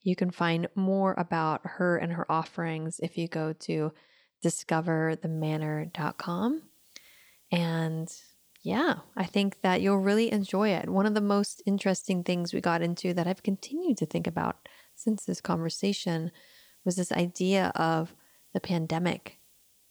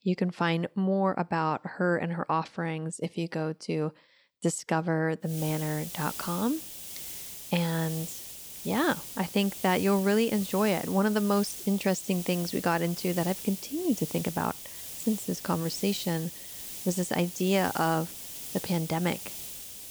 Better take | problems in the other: first | hiss; loud; from 5.5 s on; 9 dB below the speech; faint in the first

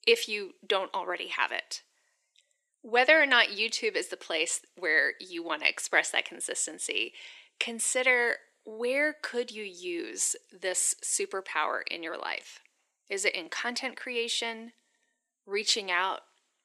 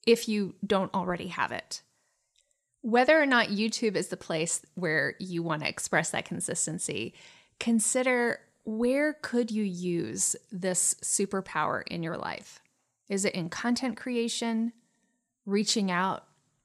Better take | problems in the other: second | thin; very; fading below 300 Hz

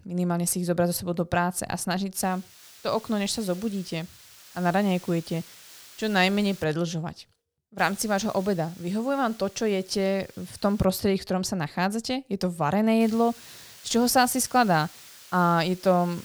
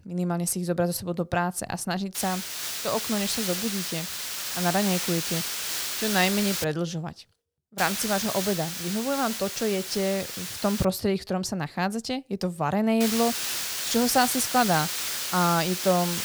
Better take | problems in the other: first | hiss; loud; from 2 to 6.5 s, from 8 to 11 s and from 13 s on; 2 dB below the speech; faint in the first

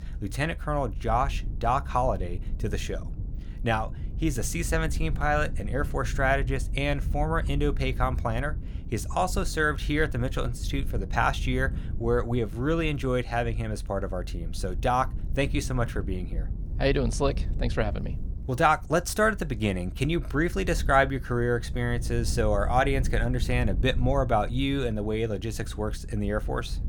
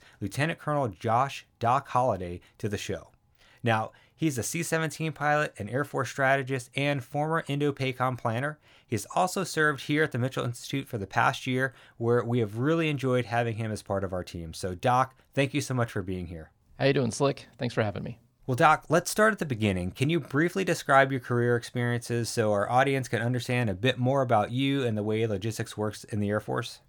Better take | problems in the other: second | low rumble; faint; throughout; 20 dB below the speech

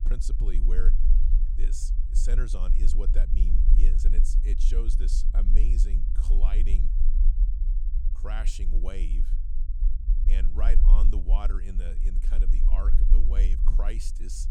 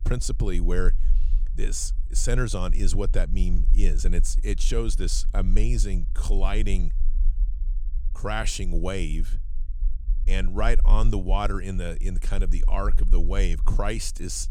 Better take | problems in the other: second | low rumble; loud; throughout; 7 dB below the speech; faint in the second

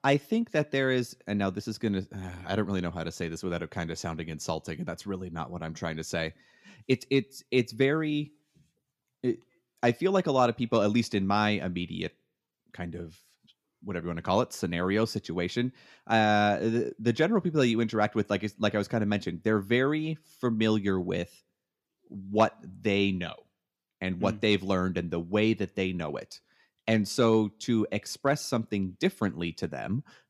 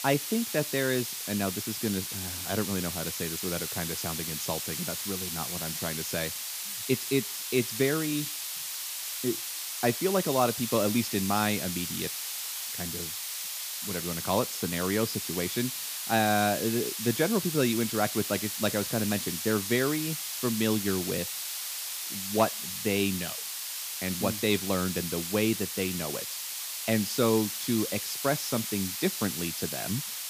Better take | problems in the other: first | hiss; loud; throughout; 2 dB below the speech

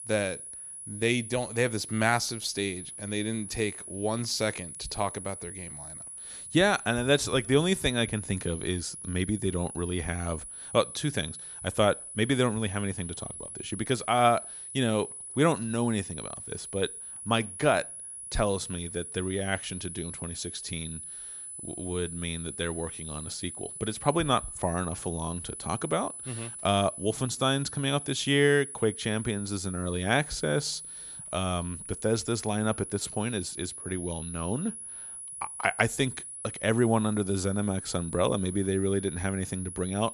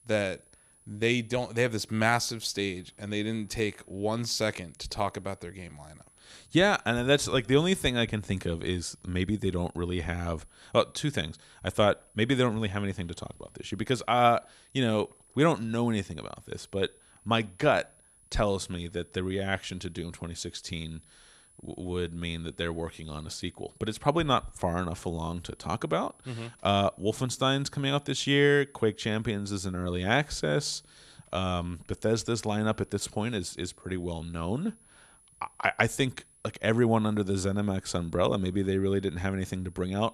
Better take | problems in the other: second | high-pitched whine; loud; throughout; 10.5 kHz, 9 dB below the speech; faint in the second

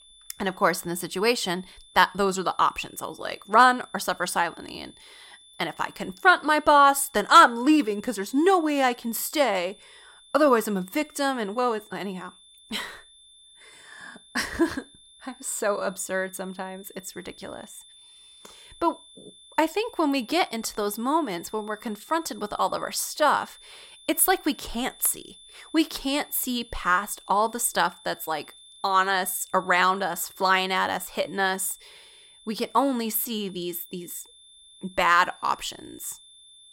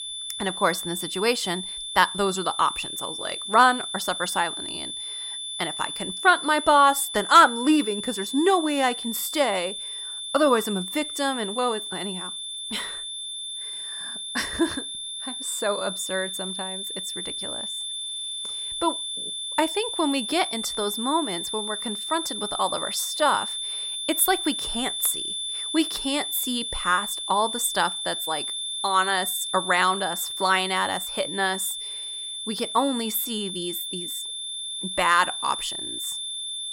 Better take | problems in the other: first | high-pitched whine; loud; throughout; 3.5 kHz, 5 dB below the speech; faint in the first

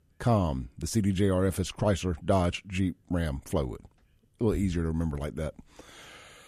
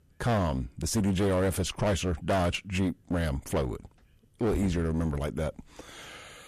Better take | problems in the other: first | distortion; heavy; 12% of the sound clipped

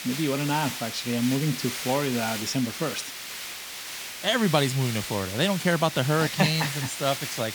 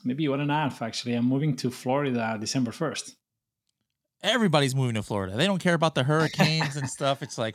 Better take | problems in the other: second | hiss; loud; throughout; 7 dB below the speech

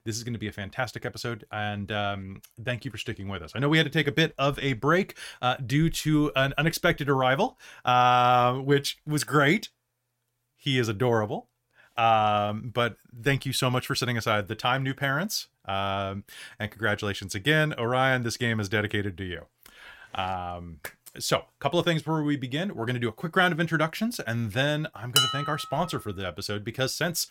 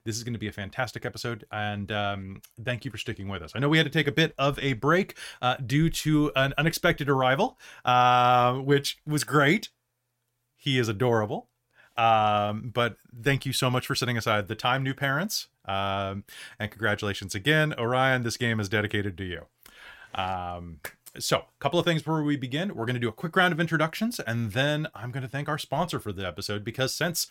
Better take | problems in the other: second | clattering dishes; loud; at 25 s; peak 4 dB above the speech

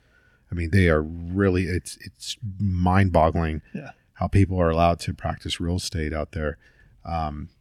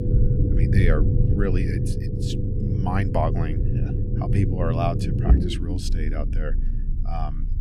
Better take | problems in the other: first | low rumble; loud; throughout; 3 dB below the speech

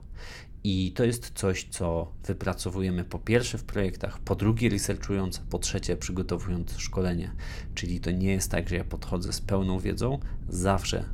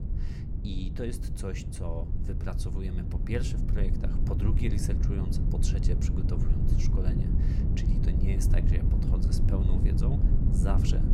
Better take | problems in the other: first | low rumble; loud; throughout; as loud as the speech; faint in the first

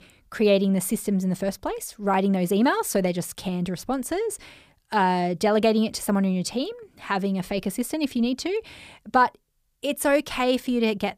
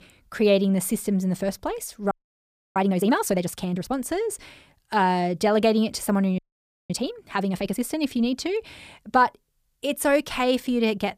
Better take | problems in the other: first | audio freezing; at 2 s for 0.5 s and at 6.5 s for 0.5 s

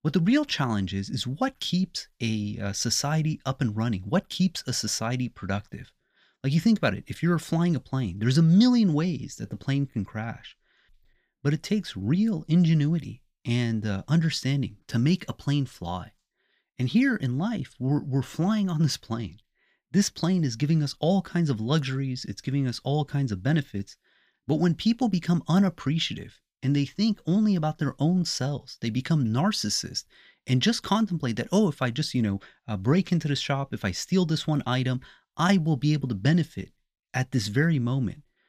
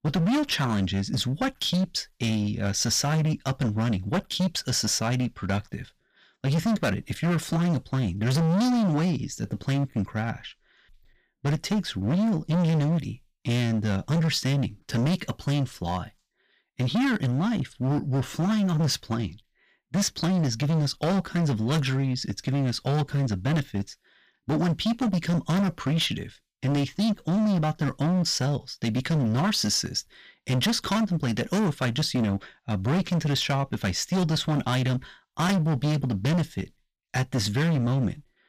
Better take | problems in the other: first | distortion; heavy; 21% of the sound clipped

